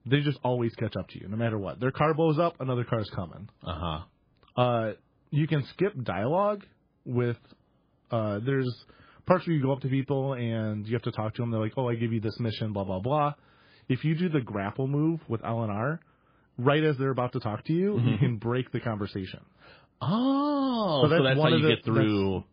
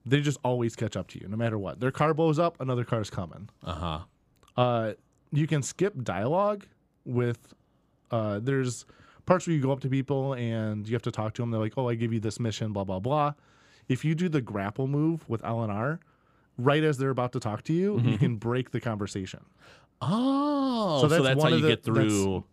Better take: second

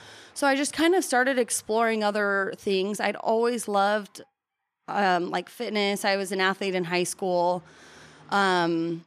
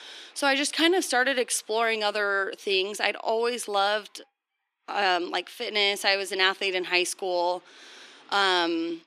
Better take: first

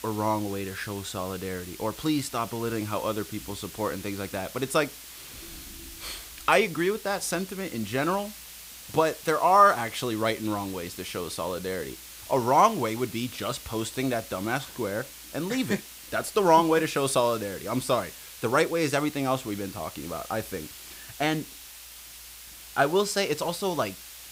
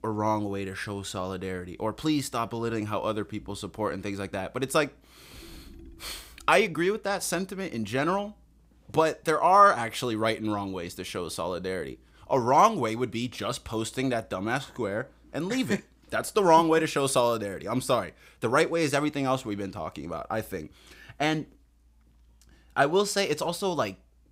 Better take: second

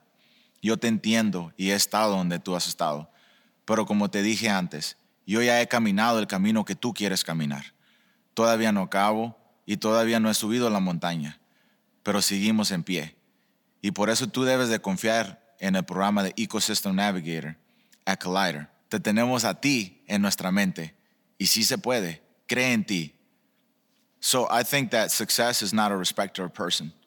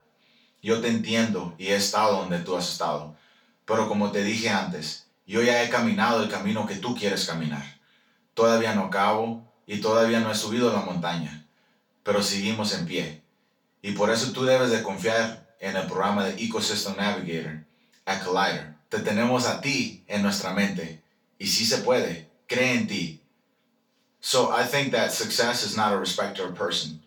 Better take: first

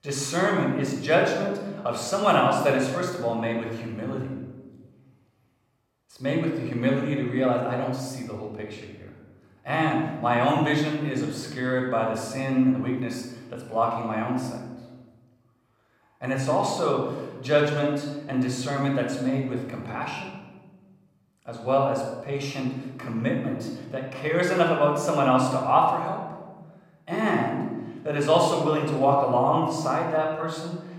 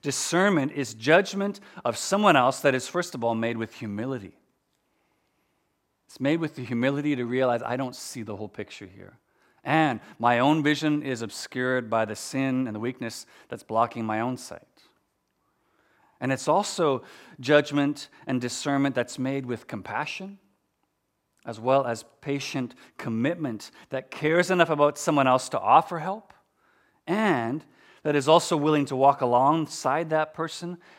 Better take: second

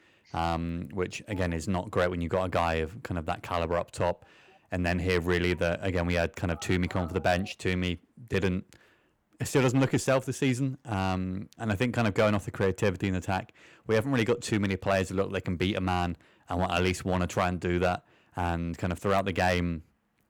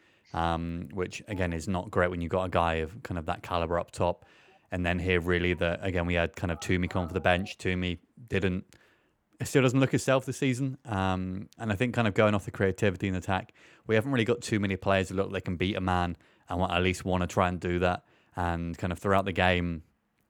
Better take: second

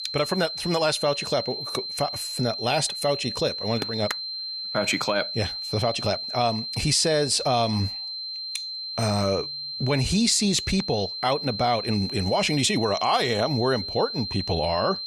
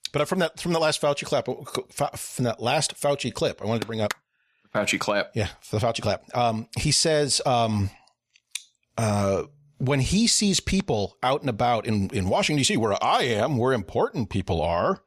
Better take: second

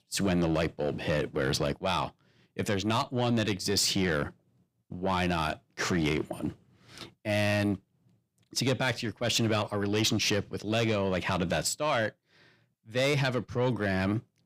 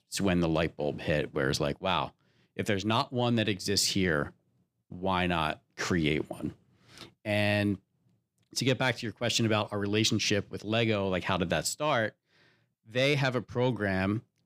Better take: second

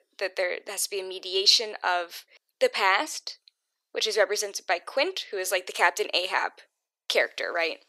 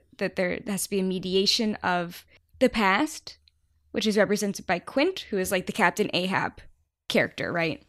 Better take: second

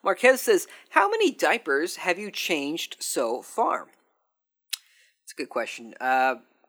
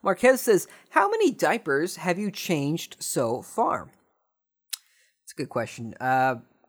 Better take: second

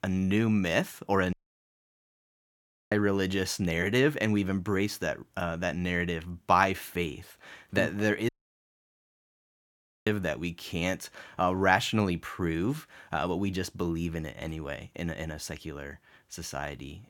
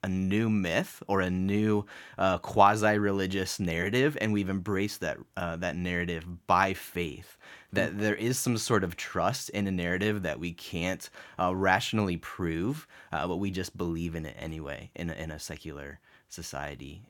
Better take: second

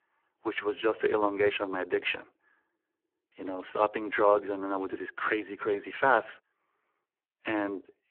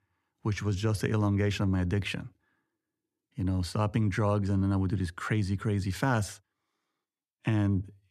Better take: second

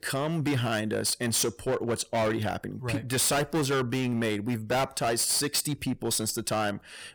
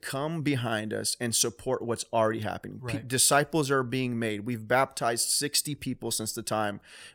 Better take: second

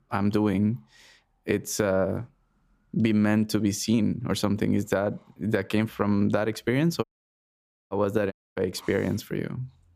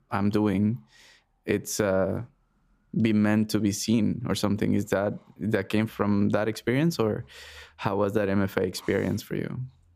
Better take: second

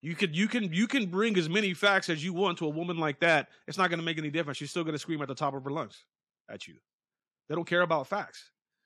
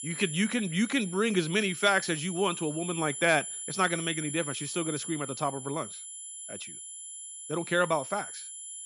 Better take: first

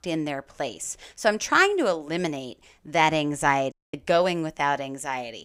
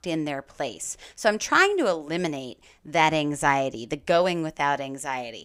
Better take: second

